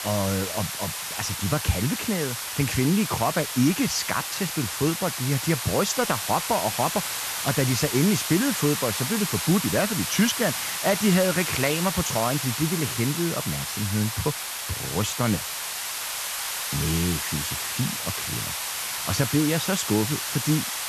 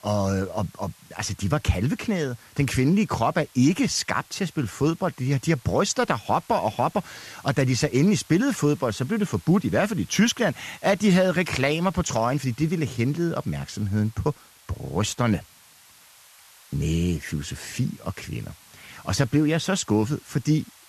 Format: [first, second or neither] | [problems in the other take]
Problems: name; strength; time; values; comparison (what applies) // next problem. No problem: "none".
second | hiss; loud; throughout; 2 dB below the speech; faint in the second